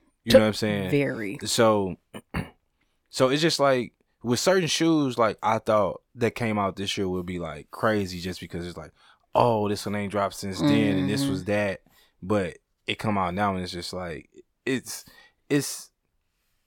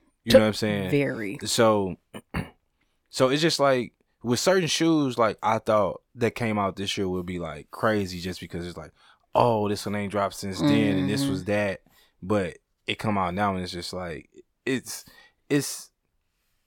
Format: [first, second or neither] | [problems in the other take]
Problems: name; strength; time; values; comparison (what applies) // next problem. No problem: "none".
neither | none